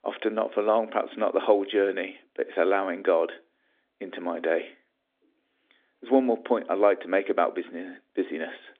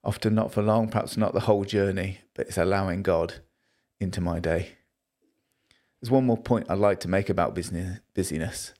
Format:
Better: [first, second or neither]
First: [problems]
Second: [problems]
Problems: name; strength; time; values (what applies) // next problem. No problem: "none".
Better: second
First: phone-call audio; nothing above 3.5 kHz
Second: none